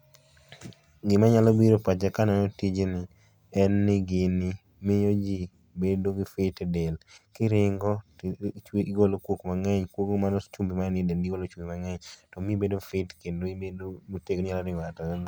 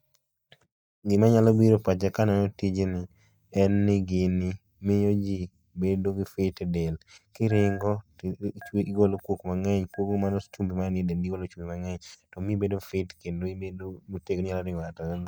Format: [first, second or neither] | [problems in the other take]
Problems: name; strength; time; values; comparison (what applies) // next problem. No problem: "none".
first | noise reduction (neural mask model DeepFilterNet 3)